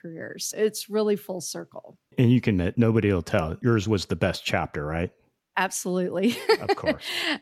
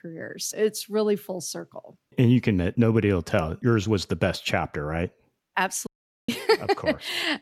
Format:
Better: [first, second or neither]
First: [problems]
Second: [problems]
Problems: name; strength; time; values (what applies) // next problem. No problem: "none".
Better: first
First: none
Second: audio cutting out; at 6 s